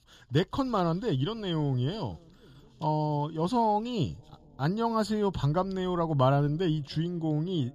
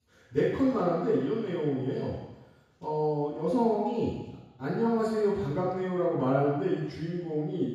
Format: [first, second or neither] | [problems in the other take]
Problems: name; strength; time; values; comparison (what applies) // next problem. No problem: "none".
first | room echo; strong; dies away in 1.1 s; slight in the first // off-mic speech; far